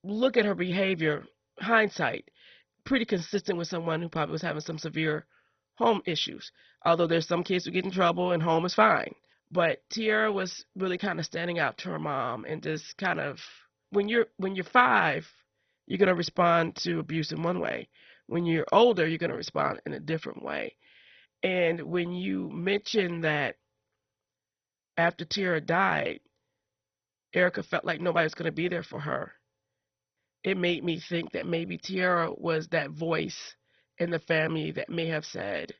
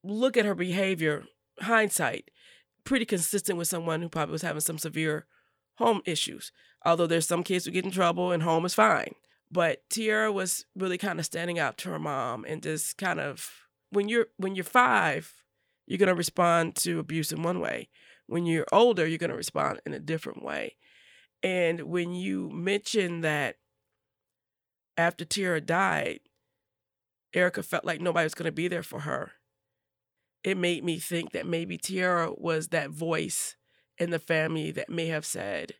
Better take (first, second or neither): second